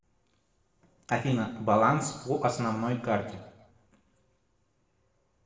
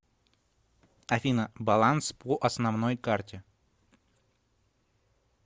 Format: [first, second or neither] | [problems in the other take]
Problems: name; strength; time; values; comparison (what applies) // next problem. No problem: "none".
second | room echo; dies away in 0.8 s